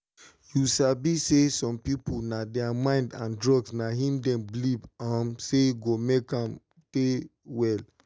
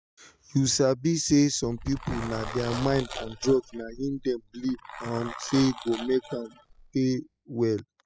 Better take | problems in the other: first | noise reduction (classical method spectral subtraction)

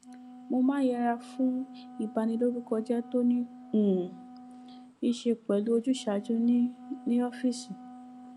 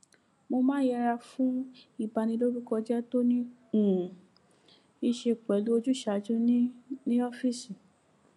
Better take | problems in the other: second | background sound (Wind instrument, woodwind instrument); 18 dB below the speech

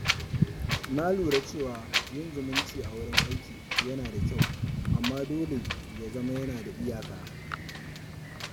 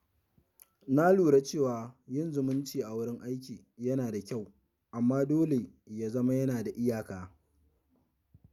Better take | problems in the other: second | background sound (Wind); 2 dB above the speech

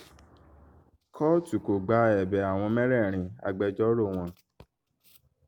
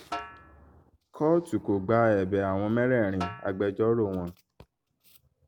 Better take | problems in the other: first | background sound (Snare drum); 16 dB below the speech

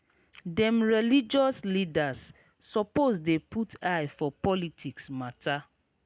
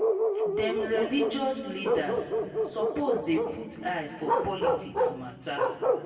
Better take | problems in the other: first | background sound (Bark); 4 dB above the speech // room echo; dies away in 2.1 s

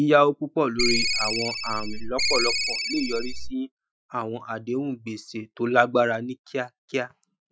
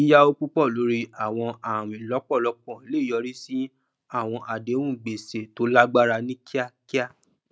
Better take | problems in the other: second | noise reduction (classical method Wiener filter)

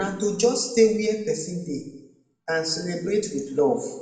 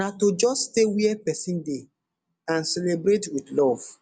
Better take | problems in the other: second | room echo; dies away in 0.8 s

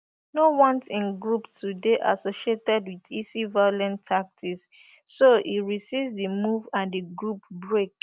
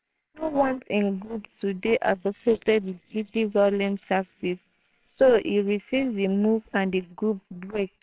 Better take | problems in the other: first | noise reduction (neural separator model SepFormer WHAMR!)

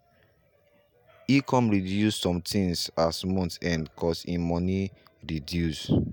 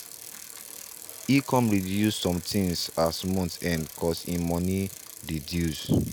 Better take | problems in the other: first | background sound (Bicycle); 15 dB below the speech

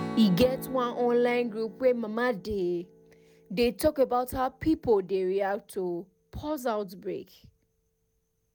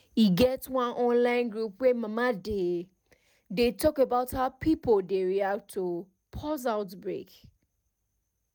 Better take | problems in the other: second | background sound (Strum); 16 dB below the speech

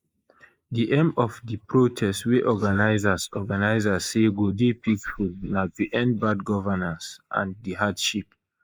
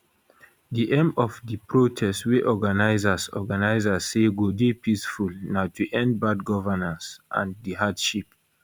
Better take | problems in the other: second | noise reduction (neural mask model Resemble Enhance denoiser)

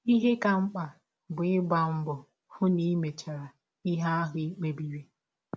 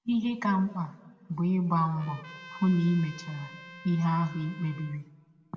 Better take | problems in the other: first | background sound (Trumpet); 19 dB below the speech // room echo; dies away in 1.8 s

